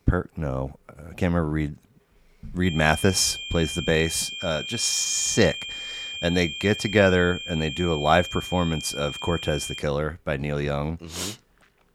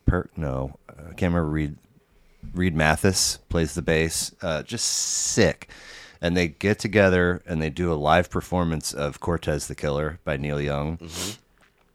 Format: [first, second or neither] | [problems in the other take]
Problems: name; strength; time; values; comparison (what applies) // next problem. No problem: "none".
second | high-pitched whine; loud; from 2.5 to 10 s; 3 kHz, 8 dB below the speech